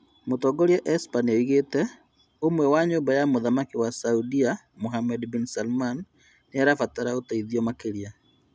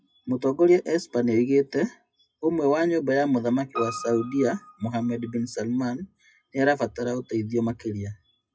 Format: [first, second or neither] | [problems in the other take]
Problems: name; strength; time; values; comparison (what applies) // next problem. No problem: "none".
first | noise reduction (classical method WPE with log-MMSE)